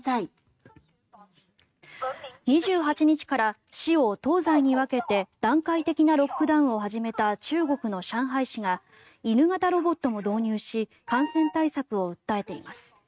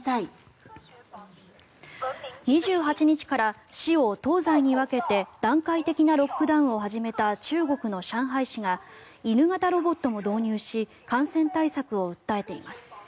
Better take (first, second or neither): second